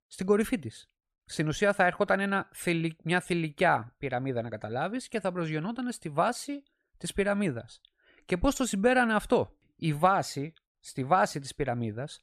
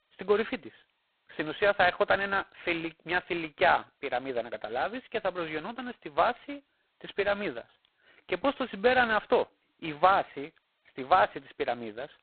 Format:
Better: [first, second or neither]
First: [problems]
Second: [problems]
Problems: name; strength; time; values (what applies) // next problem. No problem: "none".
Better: first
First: none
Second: phone-call audio; poor line; nothing above 4 kHz